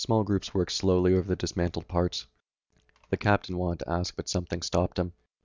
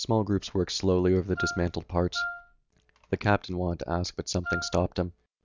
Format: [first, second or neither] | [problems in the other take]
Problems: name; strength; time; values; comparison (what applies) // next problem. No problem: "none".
first | background sound (Wind instrument, woodwind instrument); 8 dB below the speech